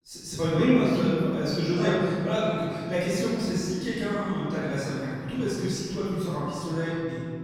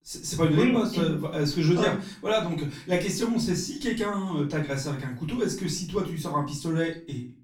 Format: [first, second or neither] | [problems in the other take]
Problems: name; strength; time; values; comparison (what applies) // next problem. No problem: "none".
second | room echo; strong; dies away in 2.5 s; slight in the second // off-mic speech; far; far in the second